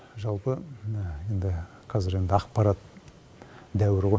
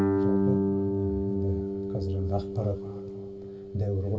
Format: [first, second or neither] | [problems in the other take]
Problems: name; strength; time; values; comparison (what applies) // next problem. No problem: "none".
first | background sound (Guitar); 3 dB above the speech // room echo; dies away in 2.9 s